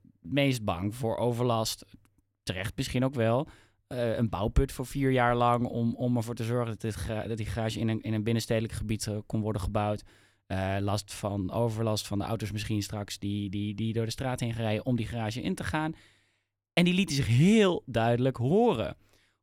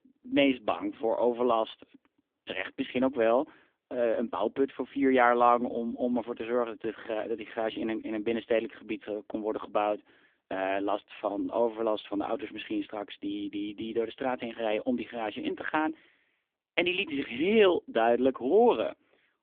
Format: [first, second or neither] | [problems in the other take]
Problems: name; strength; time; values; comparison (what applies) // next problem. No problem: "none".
first | phone-call audio; poor line; nothing above 3.5 kHz